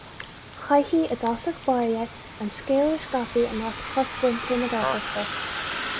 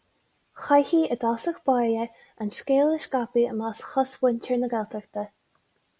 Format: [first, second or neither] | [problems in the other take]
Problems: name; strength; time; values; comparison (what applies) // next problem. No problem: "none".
second | background sound (Bus); 8 dB below the speech